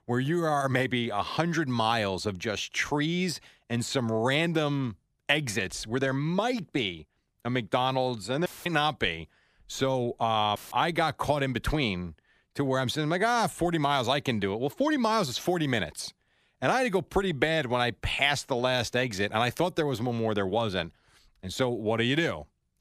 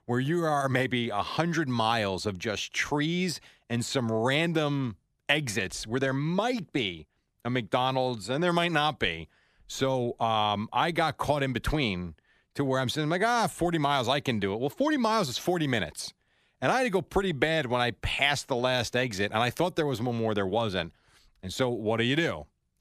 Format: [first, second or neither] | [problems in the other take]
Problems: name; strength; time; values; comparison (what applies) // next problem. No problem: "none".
second | audio cutting out; filled with static; at 8.5 s and at 11 s